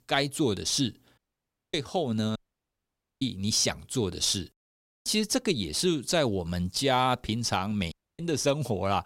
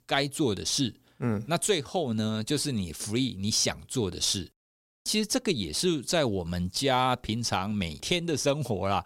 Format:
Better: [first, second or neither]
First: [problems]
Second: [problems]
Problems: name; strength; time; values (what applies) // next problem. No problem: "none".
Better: second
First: audio cutting out; at 1 s for 0.5 s, at 2.5 s for 1 s and at 8 s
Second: none